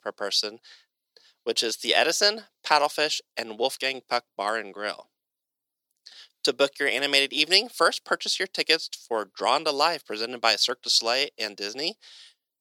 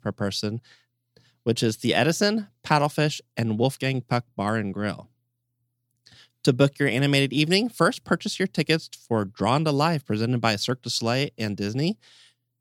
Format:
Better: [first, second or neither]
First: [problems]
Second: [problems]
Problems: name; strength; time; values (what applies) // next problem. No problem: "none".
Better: second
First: thin; very; fading below 450 Hz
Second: none